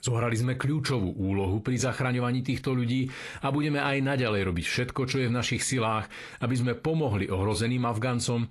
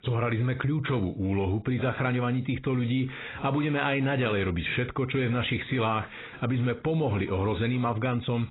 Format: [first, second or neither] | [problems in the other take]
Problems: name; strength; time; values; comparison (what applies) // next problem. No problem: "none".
first | garbled, watery; badly; nothing above 4 kHz; slightly in the first